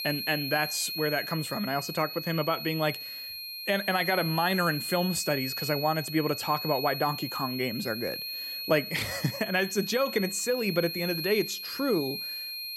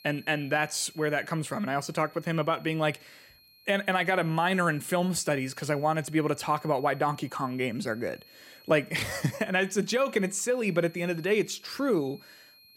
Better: second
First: high-pitched whine; loud; throughout; 4 kHz, 5 dB below the speech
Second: high-pitched whine; faint; throughout; 4 kHz, 25 dB below the speech

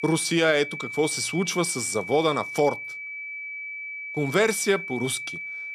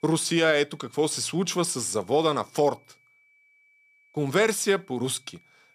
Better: second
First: high-pitched whine; loud; throughout; 2.5 kHz, 8 dB below the speech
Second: high-pitched whine; faint; throughout; 2.5 kHz, 35 dB below the speech

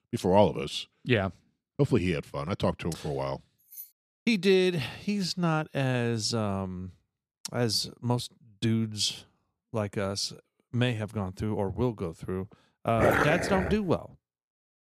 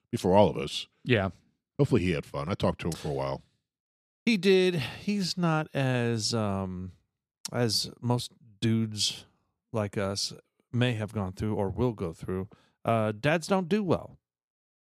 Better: second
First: jangling keys; faint; at 3.5 s; peak 15 dB below the speech // dog barking; loud; at 13 s; peak 4 dB above the speech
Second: none

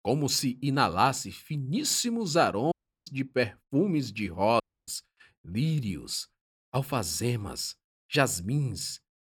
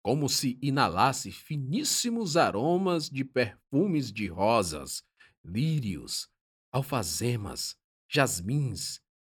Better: second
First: audio cutting out; at 2.5 s and at 4.5 s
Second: none

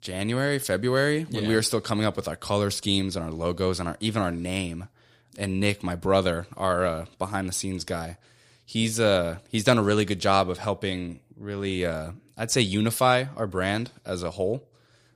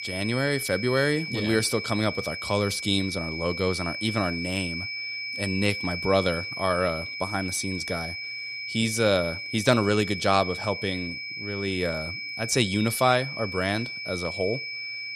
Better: first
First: none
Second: high-pitched whine; loud; throughout; 2.5 kHz, 5 dB below the speech

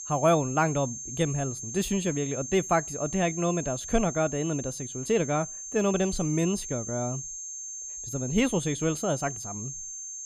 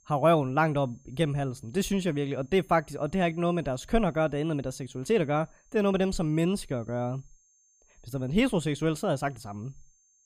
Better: second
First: high-pitched whine; loud; throughout; 6.5 kHz, 7 dB below the speech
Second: high-pitched whine; faint; throughout; 6.5 kHz, 35 dB below the speech

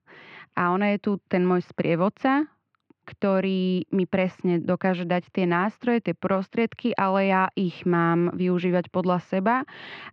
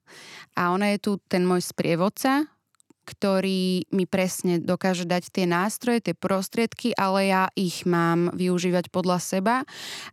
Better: second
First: muffled; very; fading above 3 kHz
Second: none

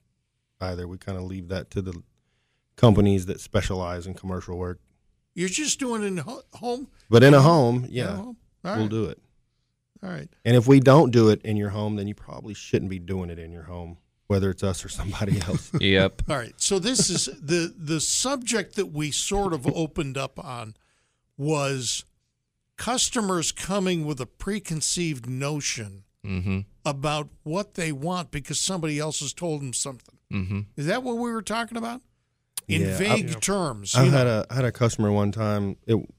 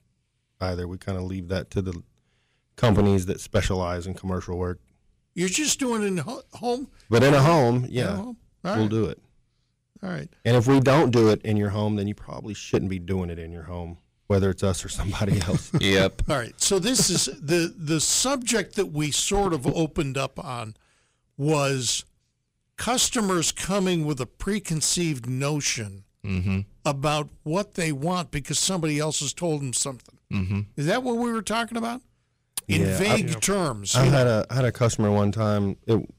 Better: first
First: none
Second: distortion; heavy; 5% of the sound clipped

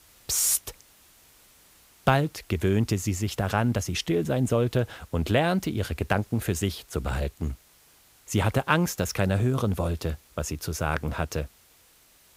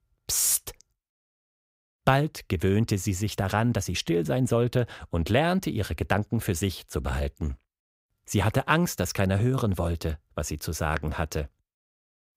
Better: second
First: hiss; faint; throughout; 30 dB below the speech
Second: none

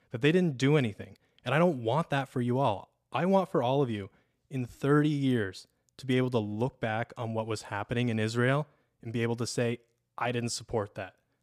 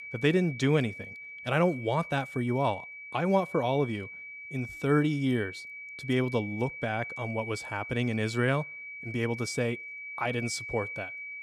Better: first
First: none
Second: high-pitched whine; loud; throughout; 2.5 kHz, 10 dB below the speech

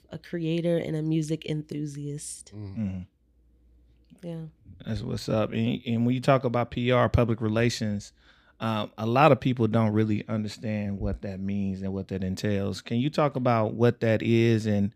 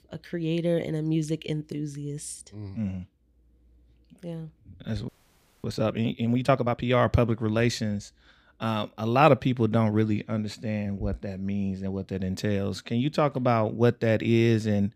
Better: first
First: none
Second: audio freezing; at 5 s for 0.5 s

